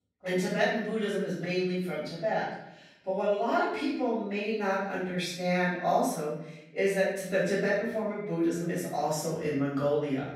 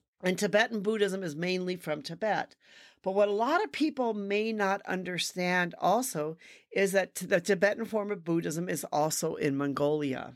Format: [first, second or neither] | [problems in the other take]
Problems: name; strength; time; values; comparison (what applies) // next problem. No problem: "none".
second | off-mic speech; far // room echo; noticeable; dies away in 0.8 s